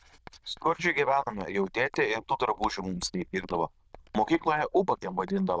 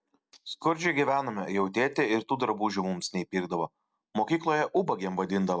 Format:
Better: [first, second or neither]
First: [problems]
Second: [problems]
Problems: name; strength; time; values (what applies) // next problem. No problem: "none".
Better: second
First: noise reduction (neural diffusion model UNIVERSE++)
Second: none